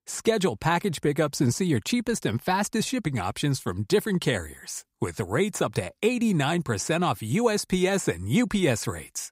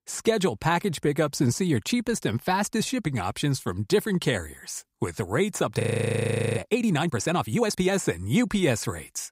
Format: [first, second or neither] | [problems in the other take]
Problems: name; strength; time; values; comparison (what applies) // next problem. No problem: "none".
first | audio freezing; at 6 s for 1 s